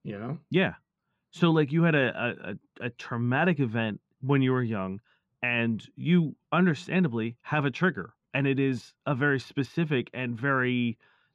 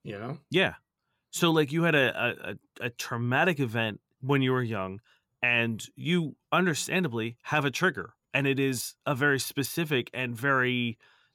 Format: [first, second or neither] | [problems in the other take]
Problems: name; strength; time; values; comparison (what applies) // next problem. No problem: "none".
second | muffled; slightly; fading above 3 kHz